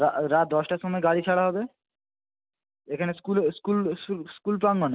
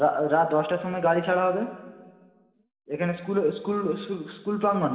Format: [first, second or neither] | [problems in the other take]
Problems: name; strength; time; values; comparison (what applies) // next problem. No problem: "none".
first | room echo; dies away in 1.7 s